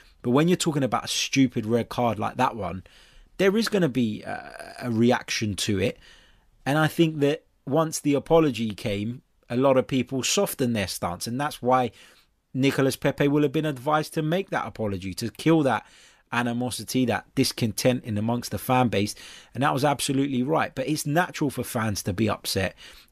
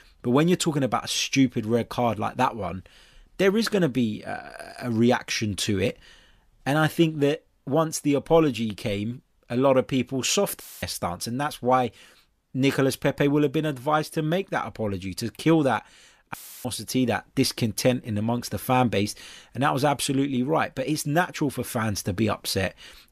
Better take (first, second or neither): first